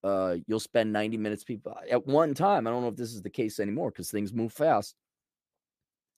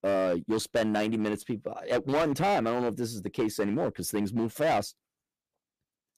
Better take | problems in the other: first | distortion; heavy; 11% of the sound clipped

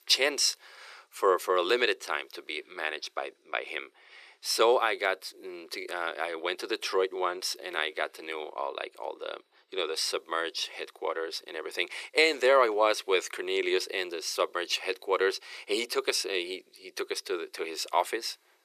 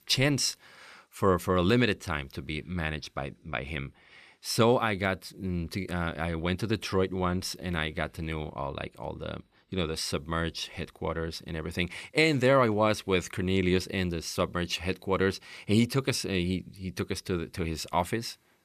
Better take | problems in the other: second | thin; very; fading below 400 Hz

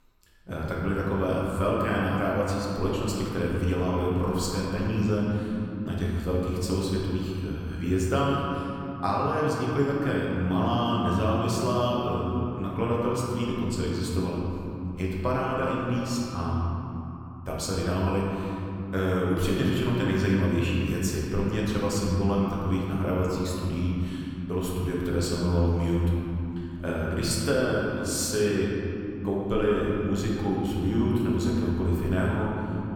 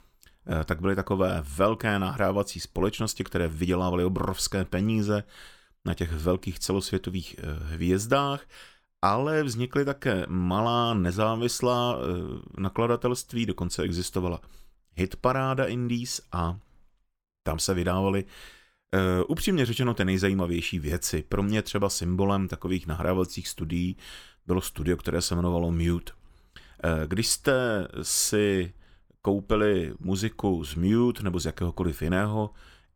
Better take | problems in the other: second | room echo; noticeable; dies away in 3 s // off-mic speech; far

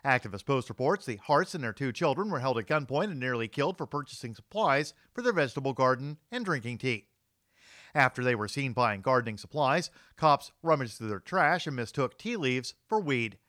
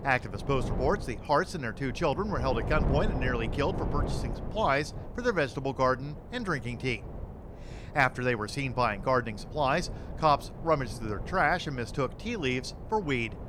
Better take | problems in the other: first | wind noise on the microphone; occasional gusts; 15 dB below the speech

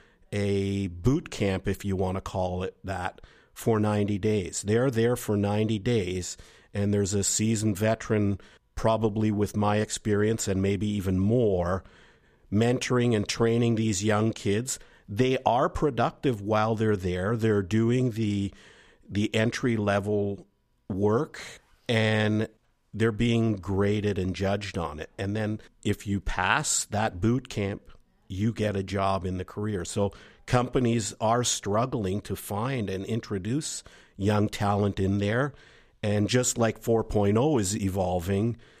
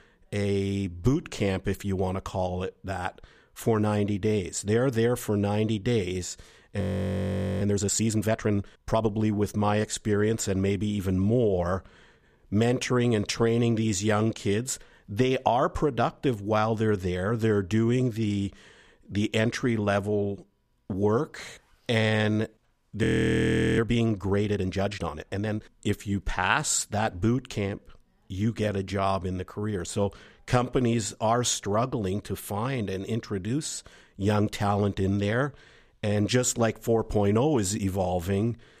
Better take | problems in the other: first | audio freezing; at 7 s for 1 s and at 23 s for 0.5 s

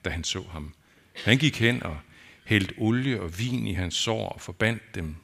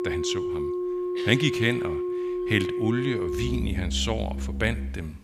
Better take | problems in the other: first | background music; loud; throughout; 2 dB below the speech

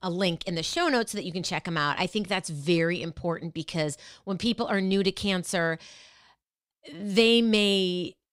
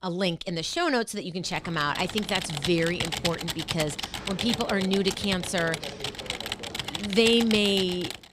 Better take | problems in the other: first | keyboard typing; noticeable; from 1.5 s on; peak 2 dB below the speech

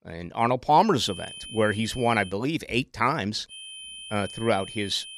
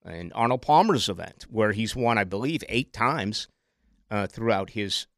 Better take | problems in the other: second | high-pitched whine; noticeable; from 1 to 2.5 s and from 3.5 s on; 3 kHz, 15 dB below the speech

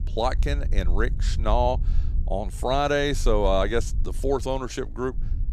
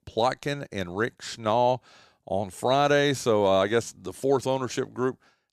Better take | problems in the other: second | wind noise on the microphone; occasional gusts; 25 dB below the speech

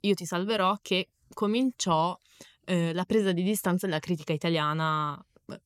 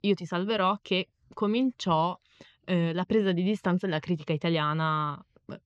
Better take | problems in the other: first | muffled; very slightly; fading above 4 kHz

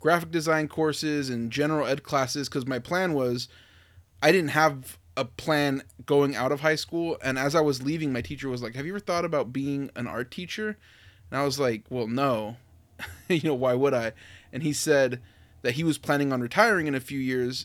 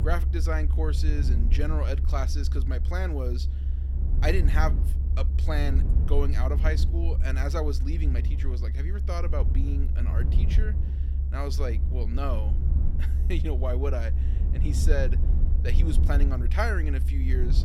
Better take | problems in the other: first | low rumble; loud; throughout; 9 dB below the speech

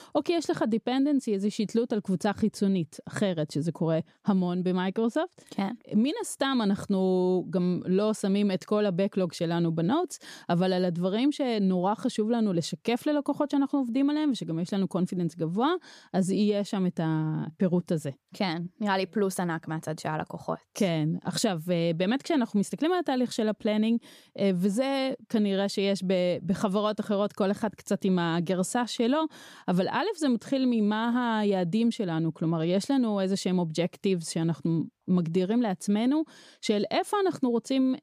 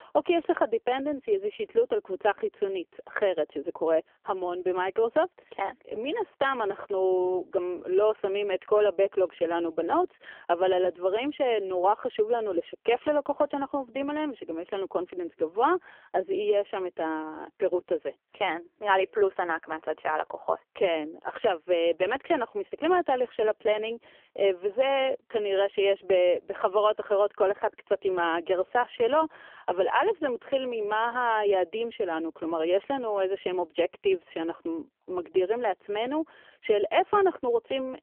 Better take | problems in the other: first | phone-call audio; poor line; nothing above 3 kHz

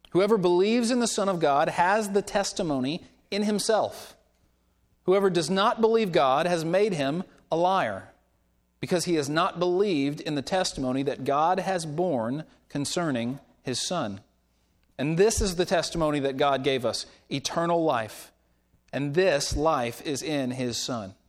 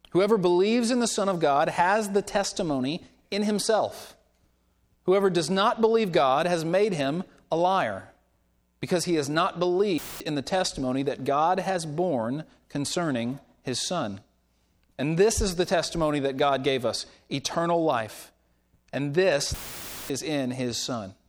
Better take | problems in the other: first | audio cutting out; filled with static; at 10 s and at 20 s for 0.5 s

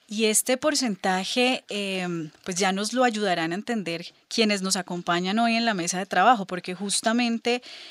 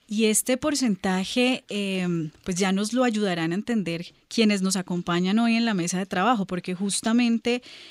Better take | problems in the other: second | thin; somewhat; fading below 300 Hz

